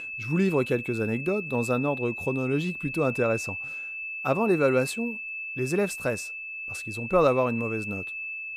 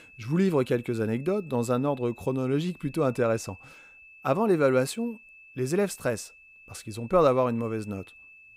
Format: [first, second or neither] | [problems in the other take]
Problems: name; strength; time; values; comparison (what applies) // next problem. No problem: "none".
second | high-pitched whine; loud; throughout; 2.5 kHz, 6 dB below the speech; faint in the second